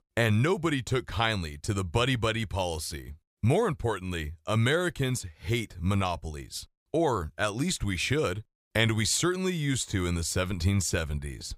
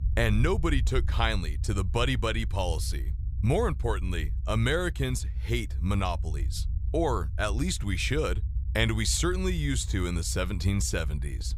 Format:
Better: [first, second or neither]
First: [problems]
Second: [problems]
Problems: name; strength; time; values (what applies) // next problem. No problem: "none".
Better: first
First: none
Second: low rumble; faint; throughout; 20 dB below the speech